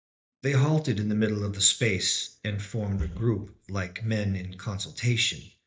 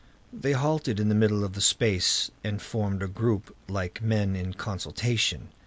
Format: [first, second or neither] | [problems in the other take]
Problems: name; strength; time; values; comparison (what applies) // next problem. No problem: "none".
second | noise reduction (neural mask model DeepFilterNet 3)